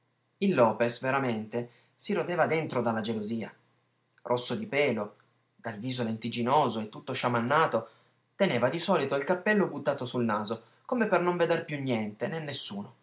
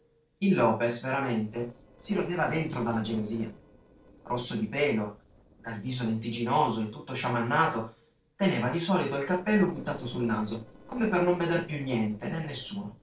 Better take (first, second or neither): first